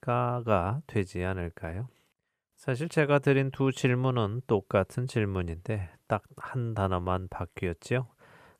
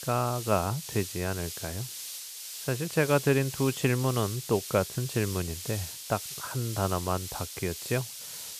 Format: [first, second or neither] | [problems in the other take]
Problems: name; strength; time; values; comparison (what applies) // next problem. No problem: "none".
first | hiss; loud; throughout; 7 dB below the speech